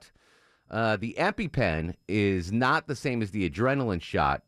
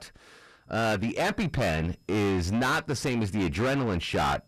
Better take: first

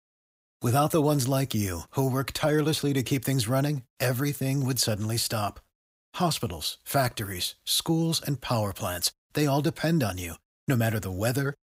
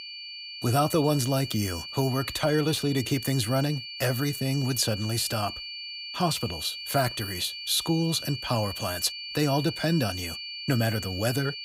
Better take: first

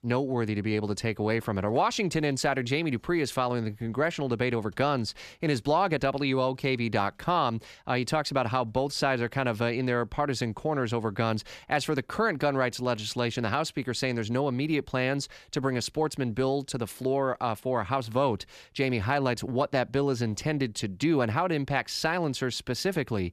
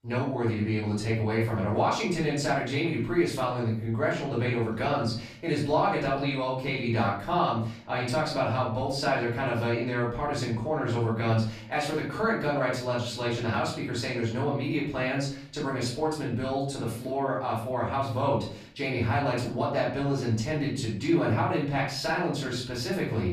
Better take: first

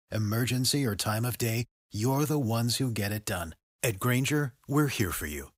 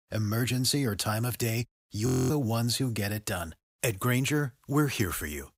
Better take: first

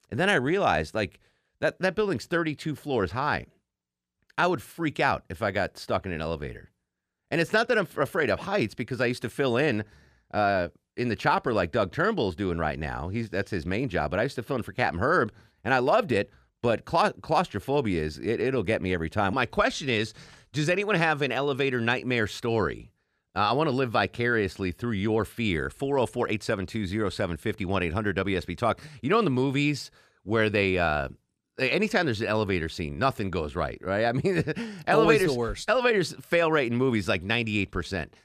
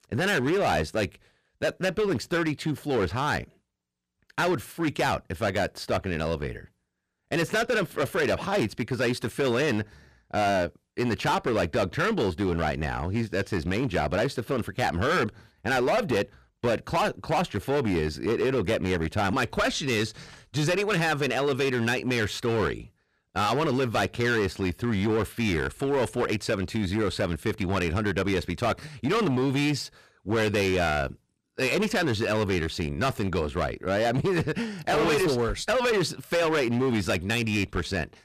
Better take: first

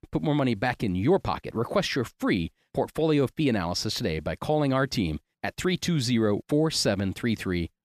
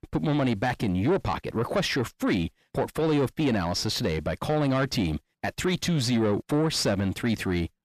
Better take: first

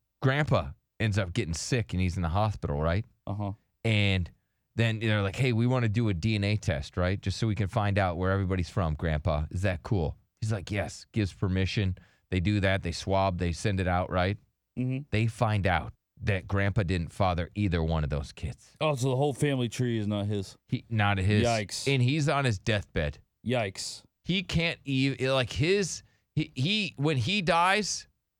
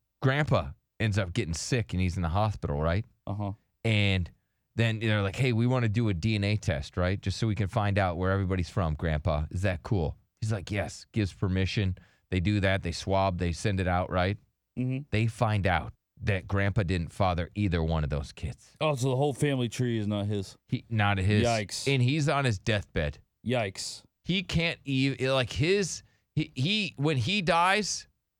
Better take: neither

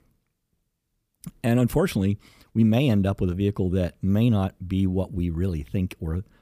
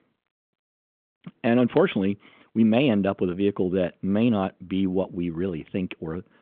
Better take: first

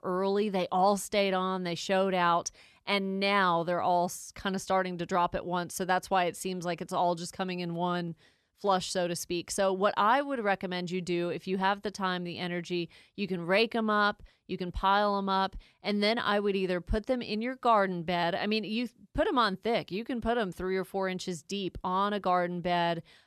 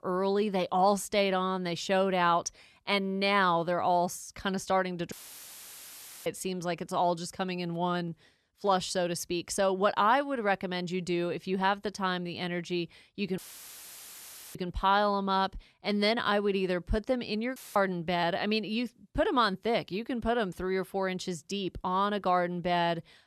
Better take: first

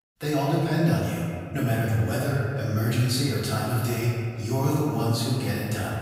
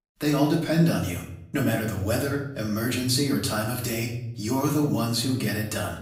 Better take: second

